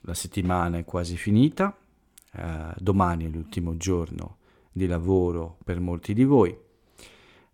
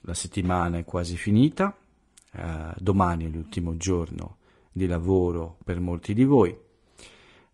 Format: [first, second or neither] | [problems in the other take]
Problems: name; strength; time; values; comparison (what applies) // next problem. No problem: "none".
first | garbled, watery; slightly; nothing above 10 kHz